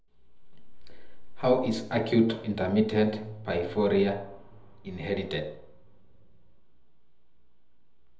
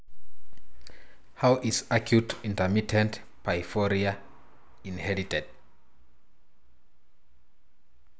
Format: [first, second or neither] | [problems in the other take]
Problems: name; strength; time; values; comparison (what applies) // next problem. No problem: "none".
second | room echo; dies away in 0.8 s